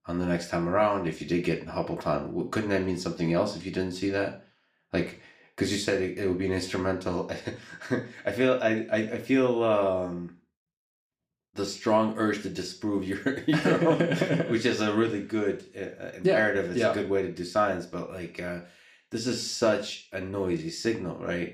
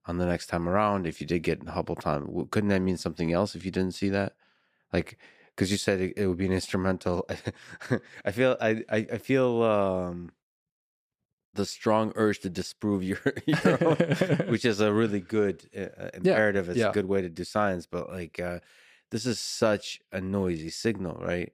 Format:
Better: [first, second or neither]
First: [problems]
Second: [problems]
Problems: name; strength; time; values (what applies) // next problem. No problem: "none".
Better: second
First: room echo; slight; dies away in 0.4 s // off-mic speech; somewhat distant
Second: none